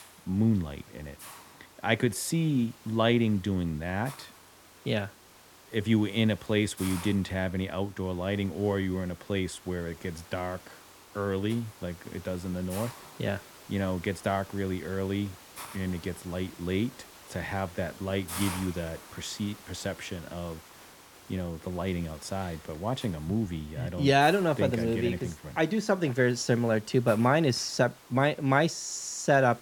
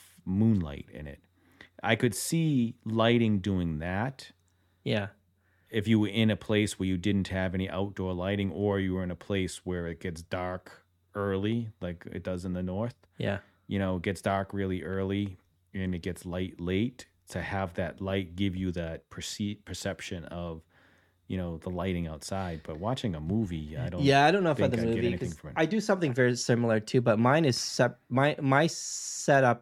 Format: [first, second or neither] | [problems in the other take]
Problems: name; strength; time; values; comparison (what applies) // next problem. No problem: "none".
second | hiss; noticeable; throughout; 20 dB below the speech